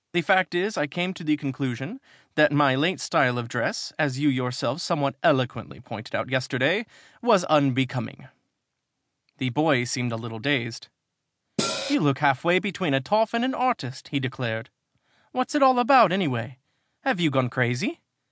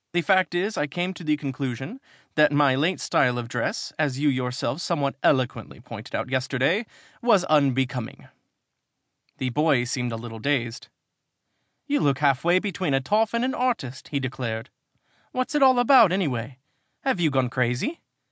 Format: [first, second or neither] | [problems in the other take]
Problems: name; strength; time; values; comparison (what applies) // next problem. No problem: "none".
second | background sound (Cymbal); 2 dB below the speech